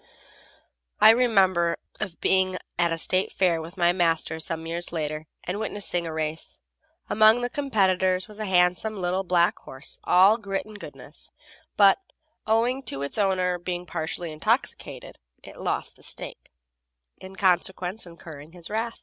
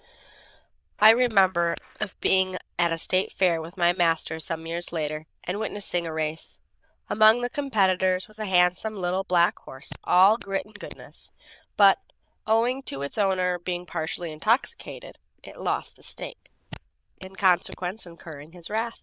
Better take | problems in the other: first | noise reduction (neural diffusion model UNIVERSE++)

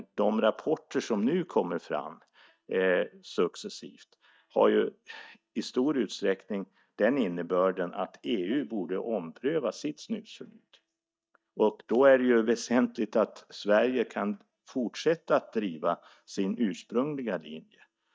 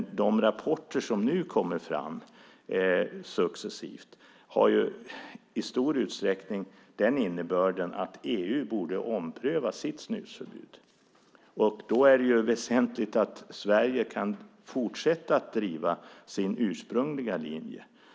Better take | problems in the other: second | noise reduction (neural mask model DeepFilterNet 3)

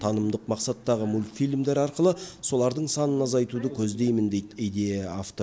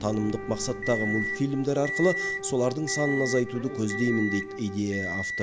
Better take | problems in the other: first | background sound (Microwave oven + Wind instrument, woodwind instrument); 6 dB below the speech

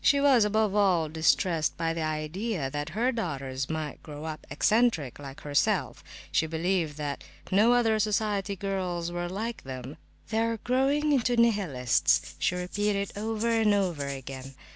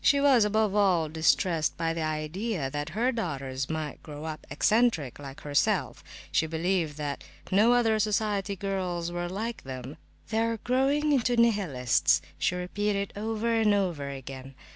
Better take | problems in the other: second | background sound (Rattle (instrument)); 15 dB below the speech

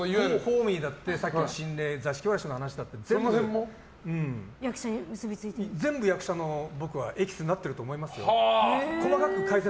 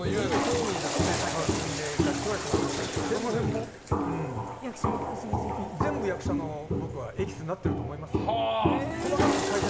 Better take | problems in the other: first | background sound (Walk, footsteps + Toilet flush / Water); 3 dB above the speech

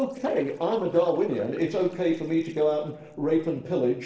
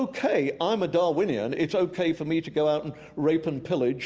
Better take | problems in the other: second | noise reduction (neural separator model SepFormer DNS4)

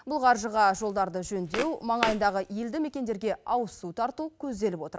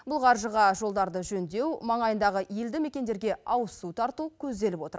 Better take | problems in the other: second | background sound (Walk, footsteps); 10 dB below the speech

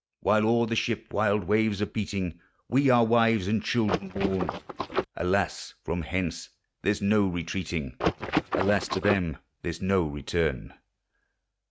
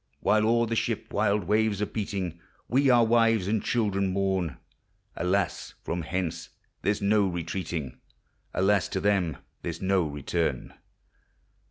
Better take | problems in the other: second | noise reduction (neural mask model RNNoise)

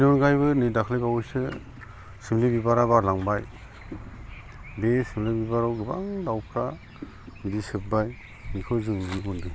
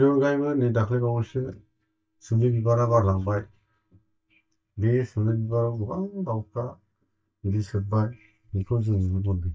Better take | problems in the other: first | noise reduction (neural mask model DeepFilterNet 3)

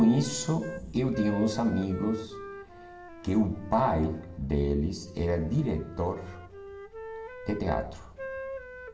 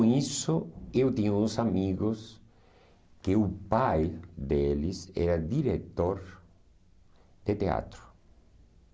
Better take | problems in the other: second | background sound (Wind instrument, woodwind instrument); 13 dB below the speech // room echo; dies away in 0.8 s

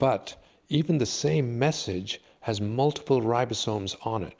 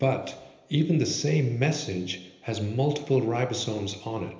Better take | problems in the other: first | room echo; dies away in 0.8 s

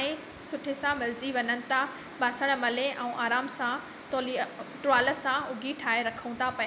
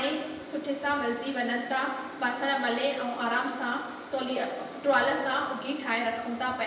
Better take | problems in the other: first | room echo; dies away in 1 s

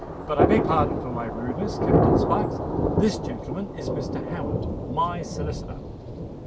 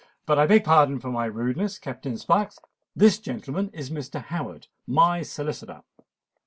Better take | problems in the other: second | background sound (Thunder); 4 dB above the speech

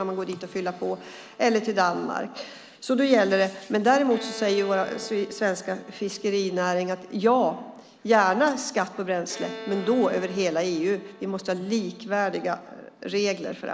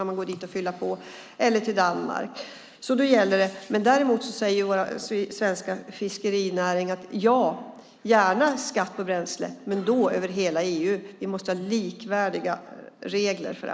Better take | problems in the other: second | background sound (Bowed string instrument); 20 dB below the speech

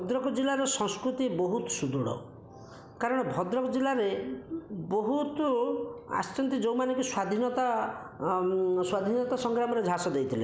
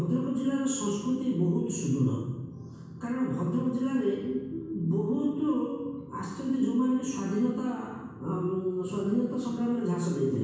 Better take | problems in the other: first | room echo; dies away in 1.2 s

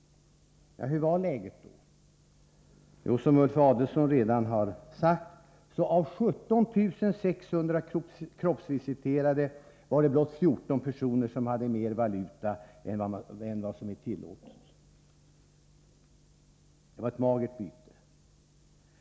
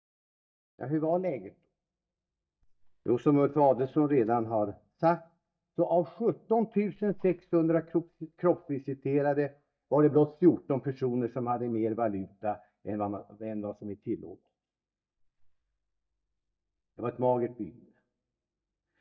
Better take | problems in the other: first | noise reduction (neural mask model DeepFilterNet 3)

